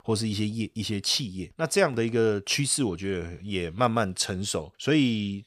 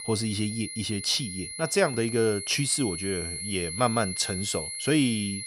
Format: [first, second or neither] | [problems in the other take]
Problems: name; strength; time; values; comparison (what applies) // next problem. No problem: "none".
first | high-pitched whine; loud; throughout; 10.5 kHz, 6 dB below the speech